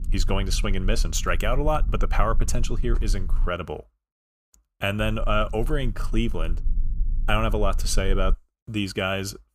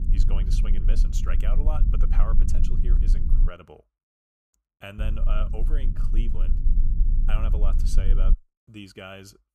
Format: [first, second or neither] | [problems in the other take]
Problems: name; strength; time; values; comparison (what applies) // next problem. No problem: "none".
first | low rumble; loud; until 3.5 s and from 5 to 8.5 s; 6 dB below the speech; faint in the first